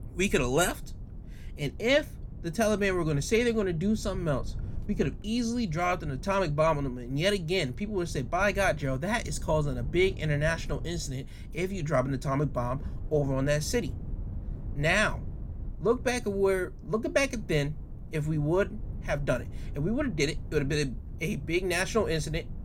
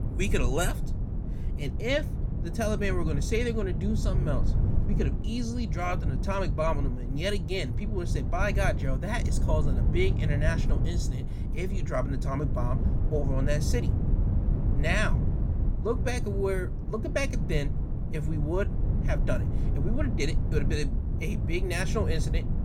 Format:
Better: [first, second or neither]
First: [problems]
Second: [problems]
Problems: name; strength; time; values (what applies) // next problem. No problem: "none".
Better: first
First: low rumble; faint; throughout; 25 dB below the speech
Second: low rumble; loud; throughout; 9 dB below the speech